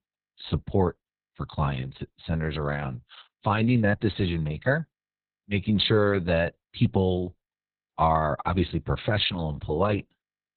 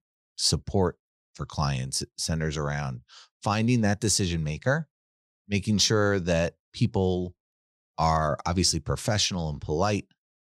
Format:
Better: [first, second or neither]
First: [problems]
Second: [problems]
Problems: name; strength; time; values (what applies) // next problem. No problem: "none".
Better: second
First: garbled, watery; badly; nothing above 4 kHz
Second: none